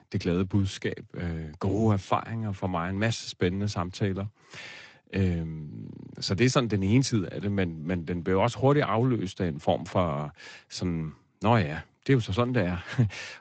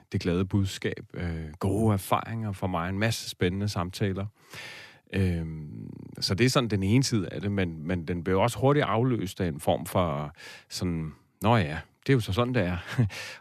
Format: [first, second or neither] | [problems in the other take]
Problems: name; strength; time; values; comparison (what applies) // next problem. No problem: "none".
second | garbled, watery; slightly; nothing above 7.5 kHz